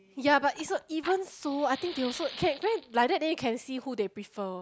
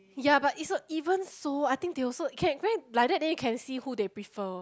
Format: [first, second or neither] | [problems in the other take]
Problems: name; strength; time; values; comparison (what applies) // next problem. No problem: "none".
second | background sound (Fire); 17 dB below the speech